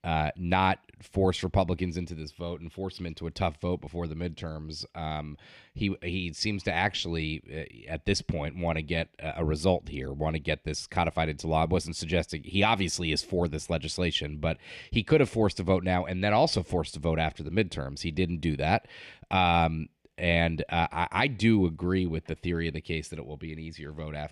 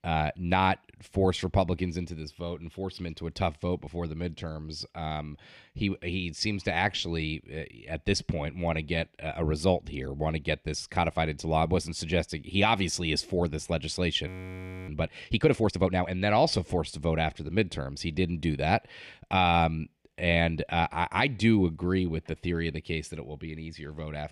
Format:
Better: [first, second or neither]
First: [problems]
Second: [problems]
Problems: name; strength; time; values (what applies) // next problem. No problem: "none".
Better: first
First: none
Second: audio freezing; at 14 s for 0.5 s